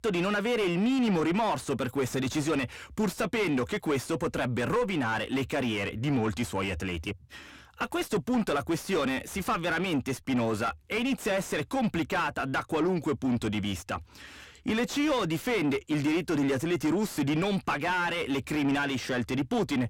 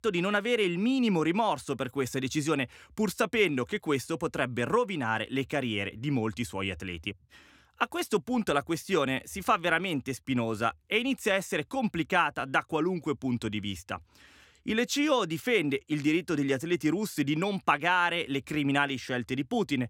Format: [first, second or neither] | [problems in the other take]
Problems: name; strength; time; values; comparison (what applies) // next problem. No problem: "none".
second | distortion; heavy; 6 dB below the speech